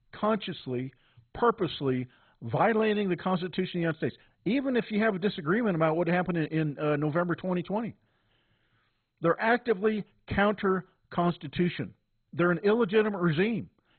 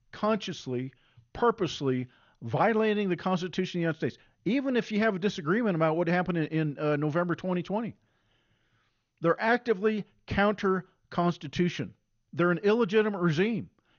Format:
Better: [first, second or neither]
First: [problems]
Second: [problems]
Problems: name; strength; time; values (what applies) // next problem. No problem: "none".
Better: second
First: garbled, watery; badly; nothing above 4 kHz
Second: garbled, watery; slightly; nothing above 6.5 kHz